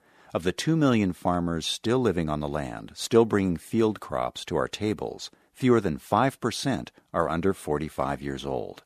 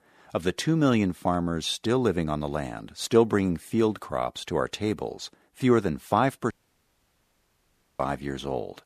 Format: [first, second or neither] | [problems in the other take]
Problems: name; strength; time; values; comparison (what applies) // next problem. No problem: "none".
first | audio cutting out; at 6.5 s for 1.5 s